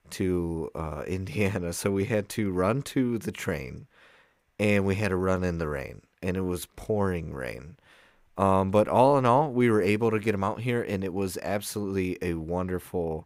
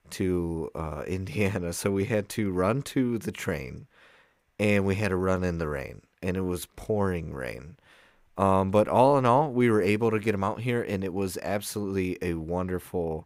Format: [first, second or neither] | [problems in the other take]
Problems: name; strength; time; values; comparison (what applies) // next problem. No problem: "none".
neither | none